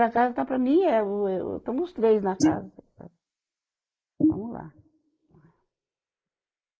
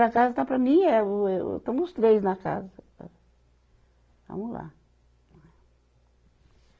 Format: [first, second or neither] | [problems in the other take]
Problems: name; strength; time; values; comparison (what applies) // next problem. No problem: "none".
second | noise reduction (neural mask model Resemble Enhance denoiser)